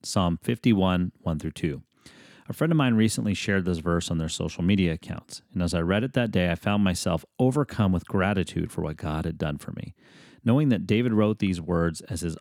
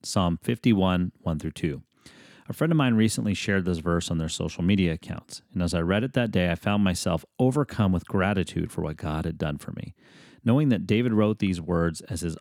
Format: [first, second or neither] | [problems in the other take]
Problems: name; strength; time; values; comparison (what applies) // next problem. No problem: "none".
neither | none